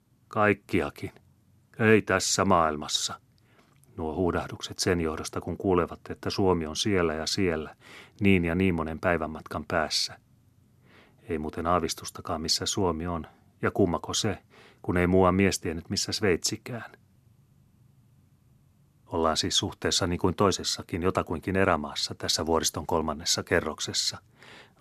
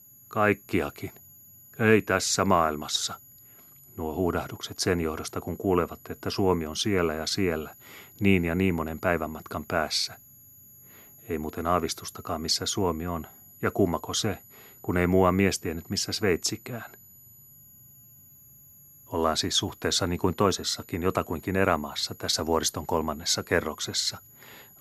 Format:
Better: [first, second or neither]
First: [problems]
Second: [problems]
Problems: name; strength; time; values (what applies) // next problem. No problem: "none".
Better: first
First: none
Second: high-pitched whine; faint; throughout; 12 kHz, 25 dB below the speech